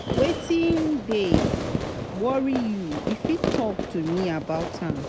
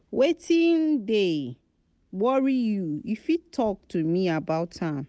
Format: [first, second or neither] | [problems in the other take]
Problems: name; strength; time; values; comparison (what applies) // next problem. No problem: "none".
second | background sound (Fireworks); 2 dB below the speech